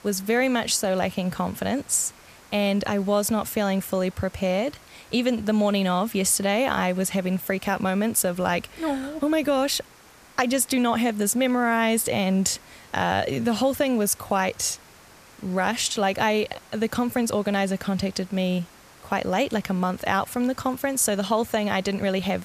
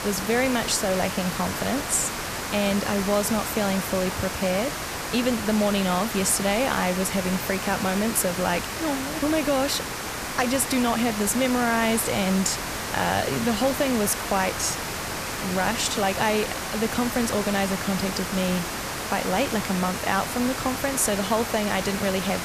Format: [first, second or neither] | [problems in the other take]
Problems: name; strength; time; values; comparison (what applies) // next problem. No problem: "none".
first | hiss; loud; throughout; 4 dB below the speech; faint in the first